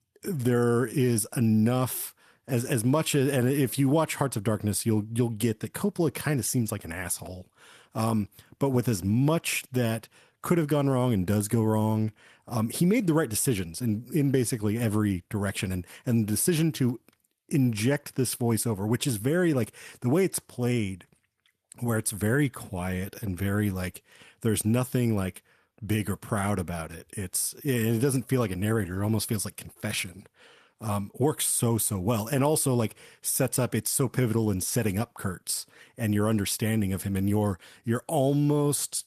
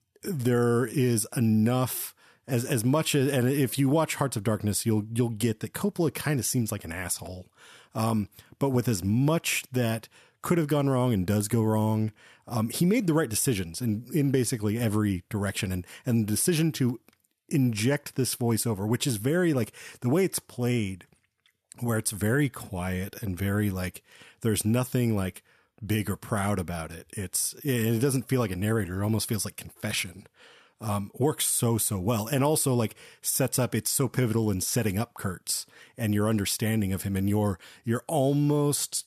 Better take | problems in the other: second | garbled, watery; slightly; nothing above 14 kHz

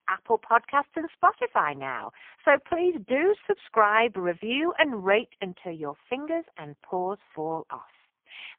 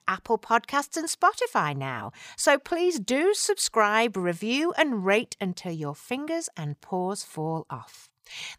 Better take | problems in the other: second | phone-call audio; poor line; nothing above 3 kHz

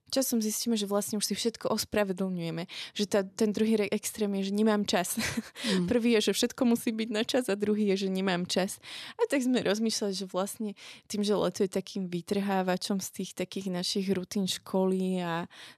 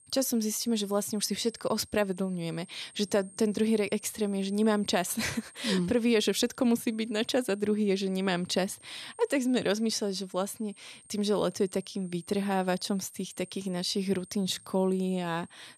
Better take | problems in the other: first | high-pitched whine; faint; throughout; 8.5 kHz, 25 dB below the speech

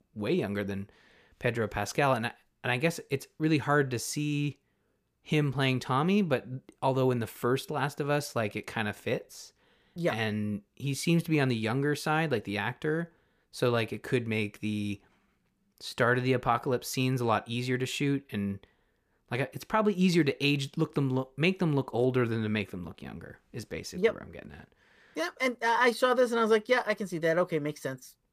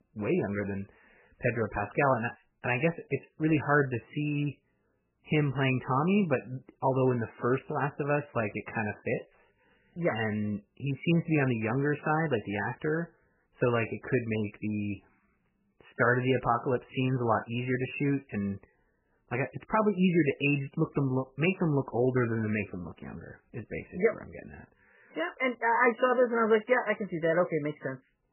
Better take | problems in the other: first | garbled, watery; badly; nothing above 3 kHz

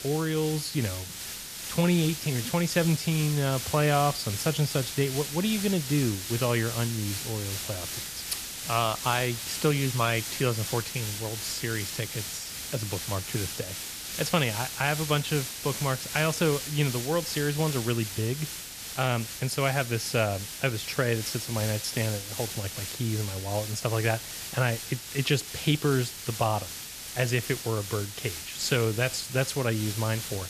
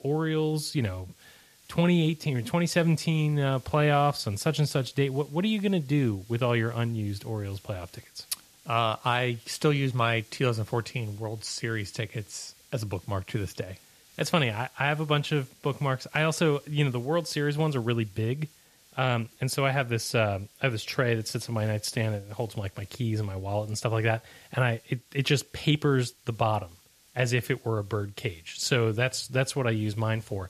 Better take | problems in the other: second | hiss; loud; throughout; 6 dB below the speech; faint in the second

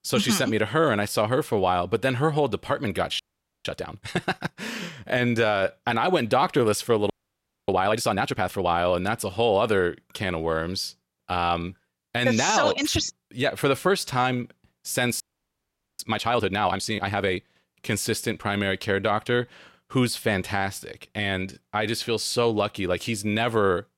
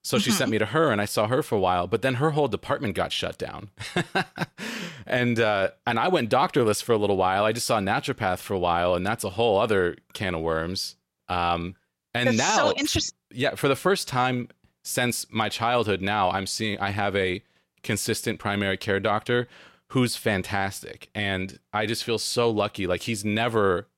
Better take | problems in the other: second | audio freezing; at 3 s, at 7 s for 0.5 s and at 15 s for 1 s

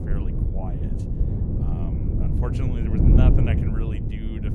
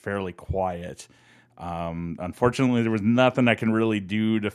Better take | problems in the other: second | wind noise on the microphone; heavy; 3 dB above the speech

